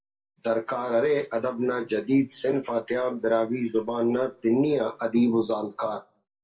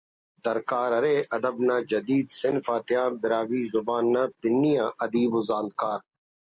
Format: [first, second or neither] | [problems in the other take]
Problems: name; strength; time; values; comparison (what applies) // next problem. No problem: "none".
second | room echo; dies away in 0.2 s